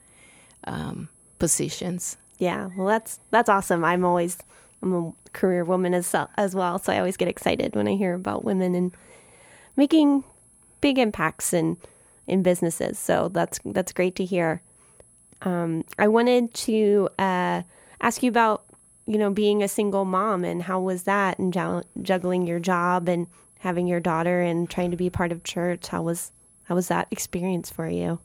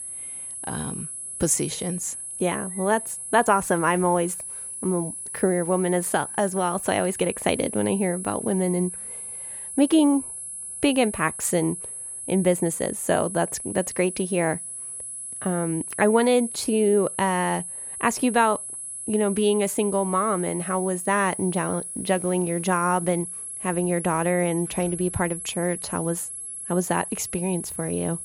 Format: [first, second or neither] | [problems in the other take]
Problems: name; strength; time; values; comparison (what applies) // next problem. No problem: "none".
first | high-pitched whine; loud; throughout; 10.5 kHz, 8 dB below the speech; faint in the first